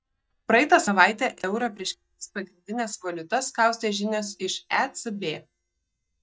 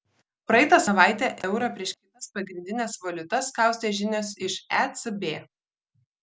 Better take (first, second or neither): second